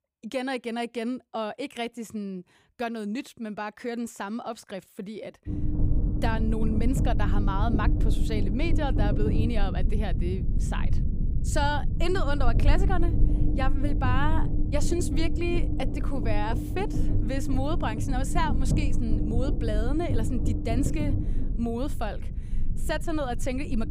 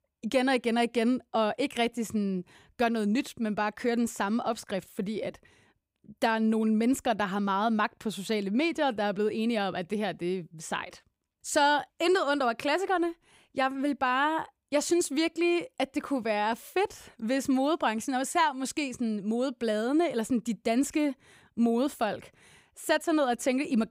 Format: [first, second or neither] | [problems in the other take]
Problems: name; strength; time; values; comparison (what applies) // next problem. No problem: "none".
second | low rumble; loud; from 5.5 s on; 6 dB below the speech